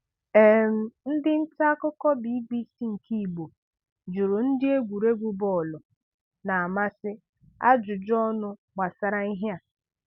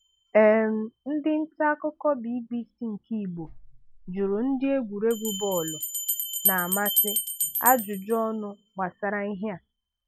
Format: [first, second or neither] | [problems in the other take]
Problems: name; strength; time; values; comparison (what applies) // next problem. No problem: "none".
first | noise reduction (classical method log-MMSE)